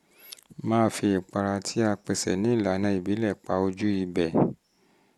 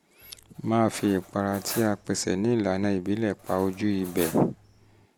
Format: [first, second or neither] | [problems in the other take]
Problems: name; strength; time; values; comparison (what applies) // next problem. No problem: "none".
first | background sound (Cutlery, silverware); 17 dB below the speech